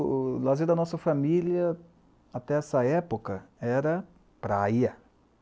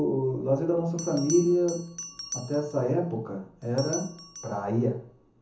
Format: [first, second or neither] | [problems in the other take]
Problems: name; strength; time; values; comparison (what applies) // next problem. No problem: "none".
first | background sound (Bell); 15 dB below the speech // room echo; dies away in 0.7 s